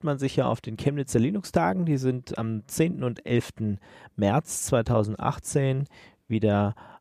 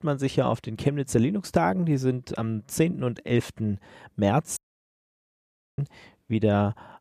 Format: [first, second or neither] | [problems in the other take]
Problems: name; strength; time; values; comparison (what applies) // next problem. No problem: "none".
first | audio cutting out; at 4.5 s for 1 s